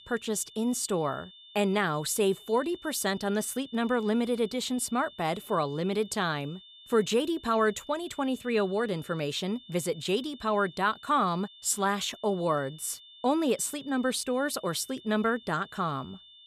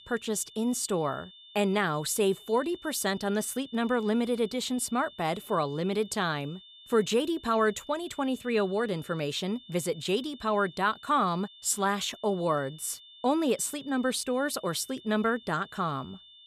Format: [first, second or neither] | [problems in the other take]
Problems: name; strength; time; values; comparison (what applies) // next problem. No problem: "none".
neither | high-pitched whine; faint; throughout; 3.5 kHz, 20 dB below the speech; the same in both